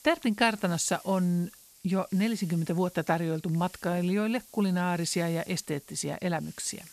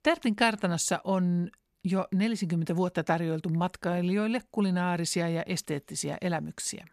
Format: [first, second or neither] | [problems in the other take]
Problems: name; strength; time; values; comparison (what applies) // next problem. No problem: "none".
second | hiss; faint; throughout; 20 dB below the speech